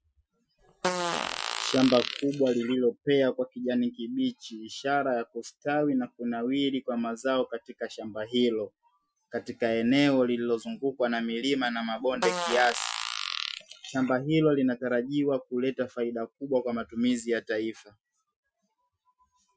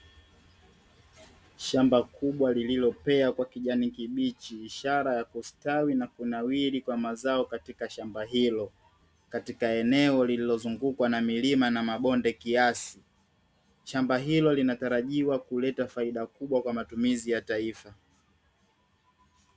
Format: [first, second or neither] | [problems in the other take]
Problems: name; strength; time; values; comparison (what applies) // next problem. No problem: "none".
second | noise reduction (classical method Wiener filter)